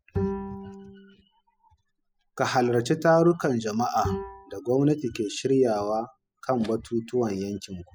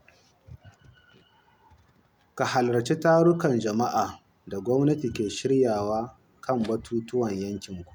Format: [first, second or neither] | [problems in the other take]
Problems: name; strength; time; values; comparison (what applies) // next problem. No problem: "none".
second | noise reduction (classical method spectral subtraction)